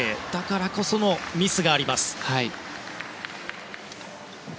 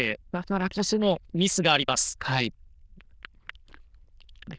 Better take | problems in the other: first | noise reduction (neural diffusion model UNIVERSE++)

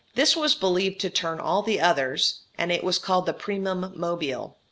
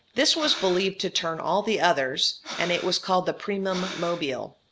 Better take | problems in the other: first | background sound (Breathing); 13 dB below the speech

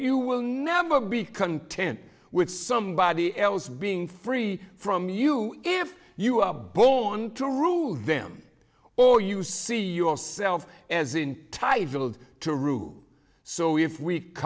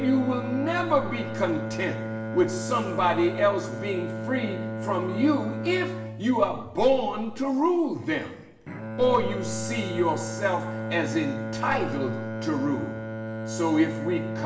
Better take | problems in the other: first | background sound (Bowed string instrument); 6 dB below the speech // room echo; dies away in 1 s

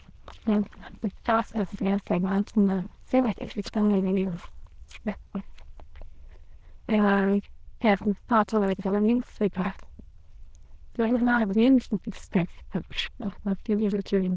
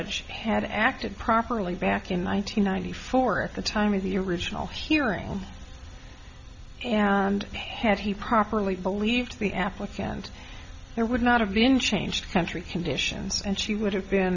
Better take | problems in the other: second | noise reduction (neural diffusion model UNIVERSE++)

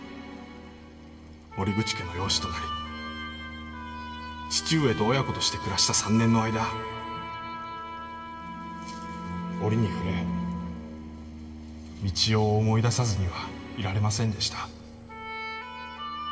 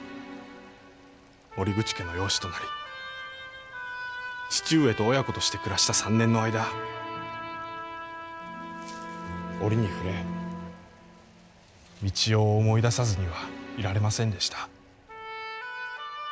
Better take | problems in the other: second | background sound (Brass instrument); 14 dB below the speech // room echo; dies away in 1.5 s

